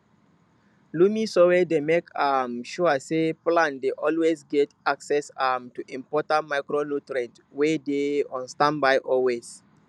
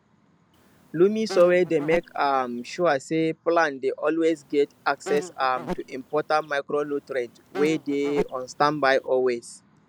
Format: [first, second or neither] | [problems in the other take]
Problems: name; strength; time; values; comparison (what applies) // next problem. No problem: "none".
first | background sound (Insect); 14 dB below the speech